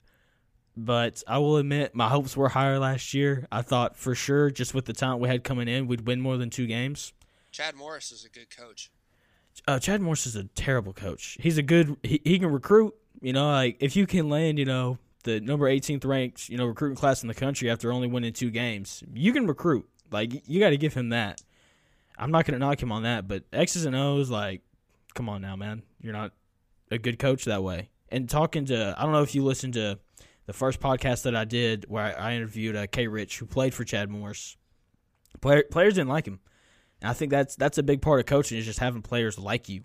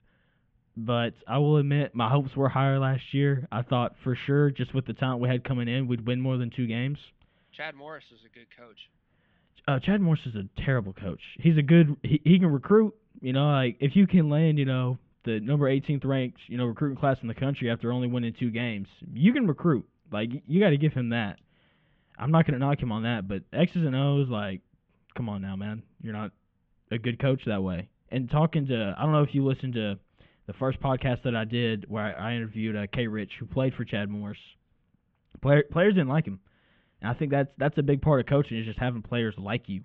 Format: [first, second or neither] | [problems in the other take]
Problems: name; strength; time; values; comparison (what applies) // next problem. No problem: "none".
first | muffled; very; fading above 3 kHz